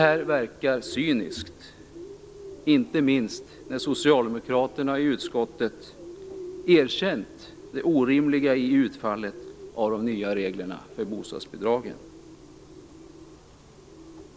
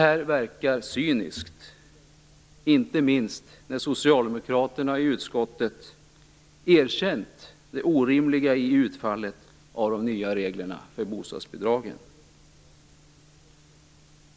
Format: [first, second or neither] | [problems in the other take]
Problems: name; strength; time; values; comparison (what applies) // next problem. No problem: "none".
second | background sound (Bird); 17 dB below the speech